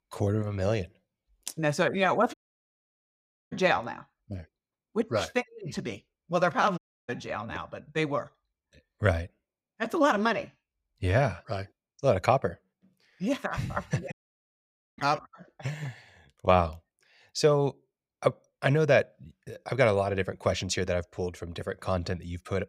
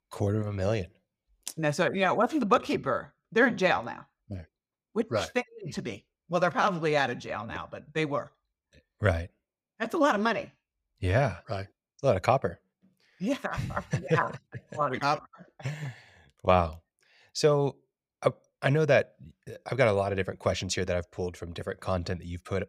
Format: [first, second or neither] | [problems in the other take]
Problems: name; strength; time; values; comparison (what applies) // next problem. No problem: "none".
second | audio cutting out; at 2.5 s for 1 s, at 7 s and at 14 s for 1 s